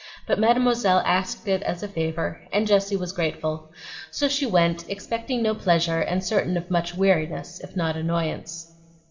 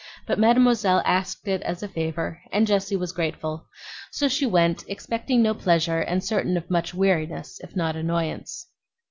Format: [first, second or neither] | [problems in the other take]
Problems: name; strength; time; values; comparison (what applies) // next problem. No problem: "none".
second | room echo; dies away in 1.1 s